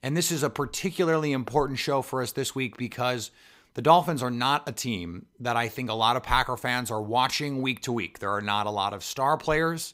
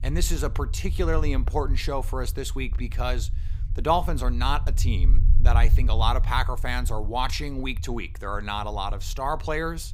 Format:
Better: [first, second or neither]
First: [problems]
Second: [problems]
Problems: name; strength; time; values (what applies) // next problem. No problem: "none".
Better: first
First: none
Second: low rumble; noticeable; throughout; 20 dB below the speech